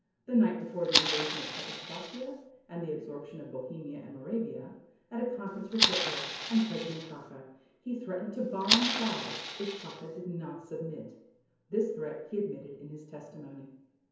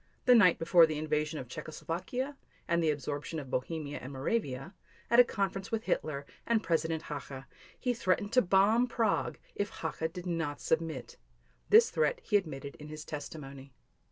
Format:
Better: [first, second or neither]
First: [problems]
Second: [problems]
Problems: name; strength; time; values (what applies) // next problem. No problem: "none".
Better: second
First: background sound (Fire); 3 dB above the speech // room echo; dies away in 0.9 s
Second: none